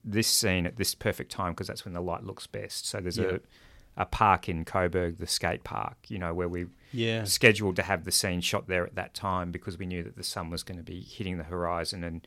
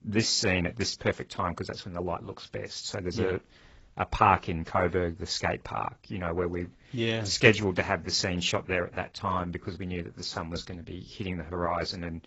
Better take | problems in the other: first | garbled, watery; badly; nothing above 7.5 kHz

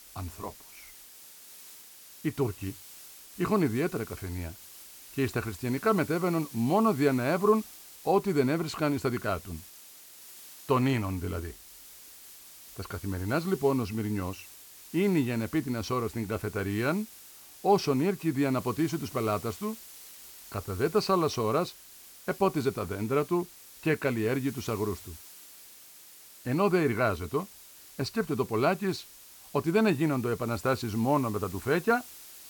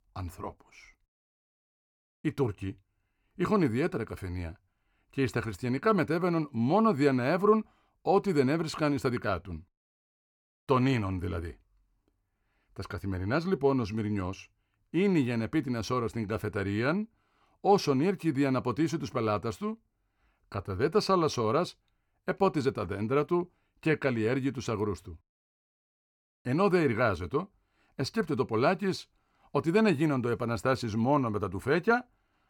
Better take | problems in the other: second | hiss; noticeable; throughout; 15 dB below the speech

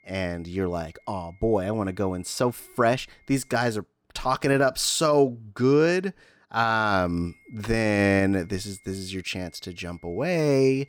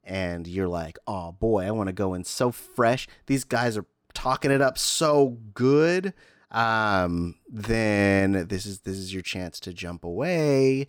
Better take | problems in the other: second | high-pitched whine; faint; until 3.5 s and from 7 s on; 2 kHz, 30 dB below the speech

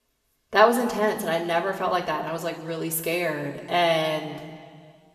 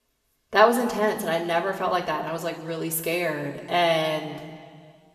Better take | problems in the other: neither | room echo; slight; dies away in 1.8 s; the same in both

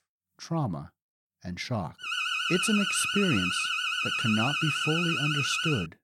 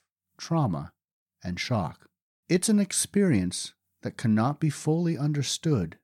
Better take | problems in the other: second | alarm; loud; from 2 s on; peak 3 dB above the speech

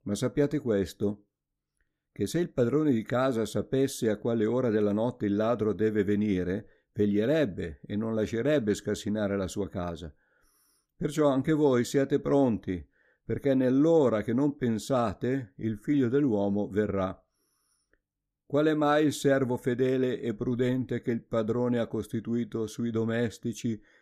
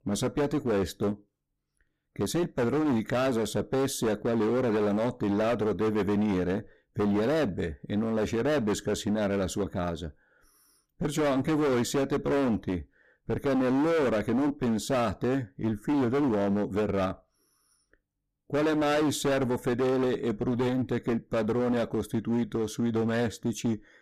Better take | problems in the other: first | distortion; heavy; 21% of the sound clipped

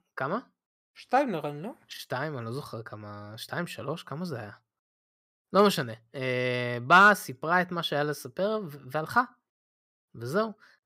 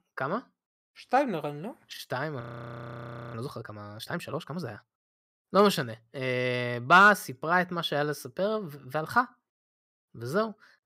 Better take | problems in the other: first | audio freezing; at 2.5 s for 1 s

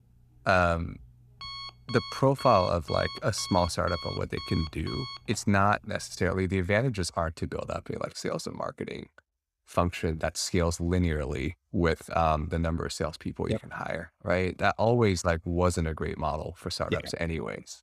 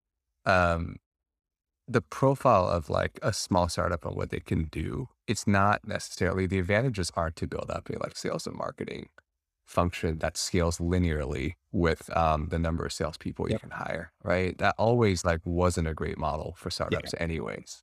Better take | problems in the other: second | alarm; noticeable; until 6.5 s; peak 9 dB below the speech

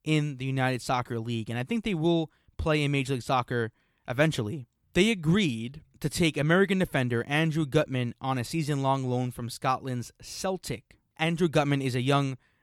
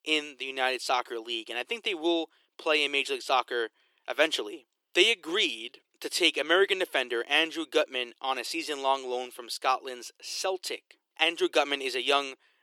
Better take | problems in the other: first | thin; very; fading below 350 Hz

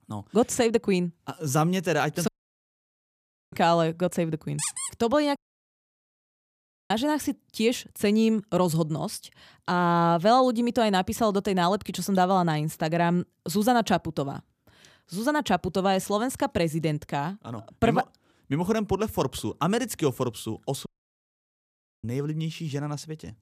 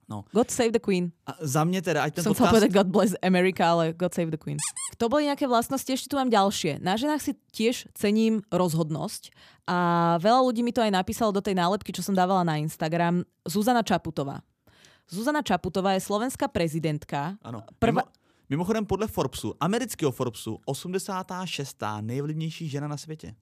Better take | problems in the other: second | audio cutting out; at 2.5 s for 1 s, at 5.5 s for 1.5 s and at 21 s for 1 s

